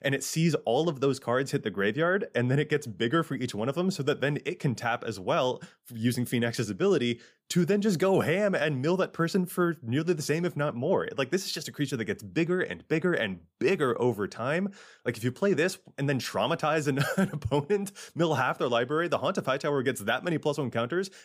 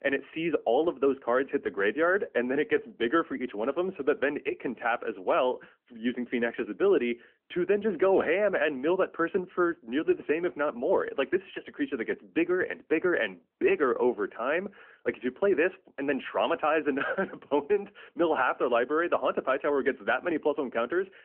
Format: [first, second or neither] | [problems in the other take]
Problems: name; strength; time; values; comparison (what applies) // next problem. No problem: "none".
first | phone-call audio; nothing above 3 kHz